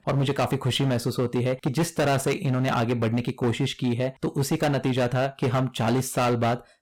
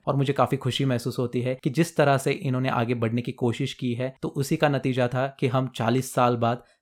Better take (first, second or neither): second